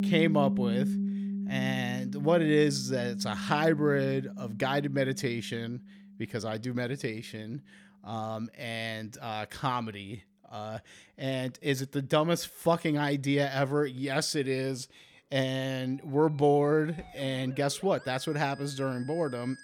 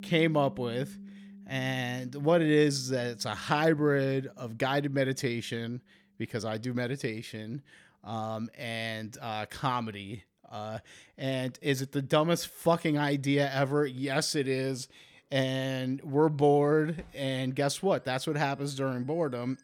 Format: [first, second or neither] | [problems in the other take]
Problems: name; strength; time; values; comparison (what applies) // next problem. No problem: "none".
second | background music; loud; throughout; 5 dB below the speech; faint in the second